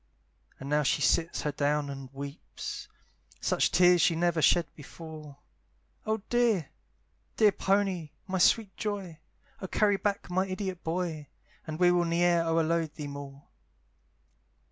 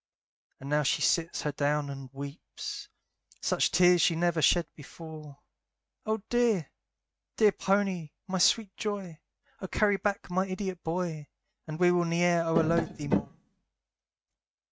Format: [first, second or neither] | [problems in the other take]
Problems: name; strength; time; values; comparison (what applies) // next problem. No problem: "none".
first | noise reduction (neural mask model RNNoise)